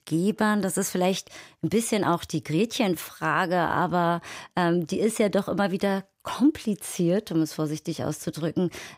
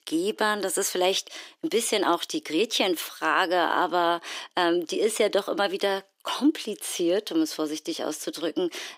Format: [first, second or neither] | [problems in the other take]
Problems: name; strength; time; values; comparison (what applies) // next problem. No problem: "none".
first | thin; somewhat; fading below 300 Hz